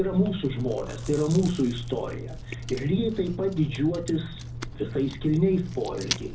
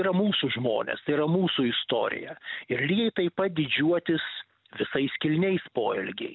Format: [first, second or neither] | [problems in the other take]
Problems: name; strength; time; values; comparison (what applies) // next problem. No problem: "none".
second | background sound (Chewing, mastication); 9 dB below the speech // room echo; dies away in 0.4 s